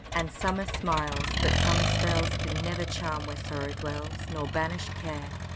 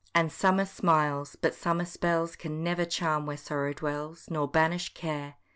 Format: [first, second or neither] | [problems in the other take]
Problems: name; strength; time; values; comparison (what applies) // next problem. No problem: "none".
second | background sound (Accelerating, revving, vroom); 3 dB above the speech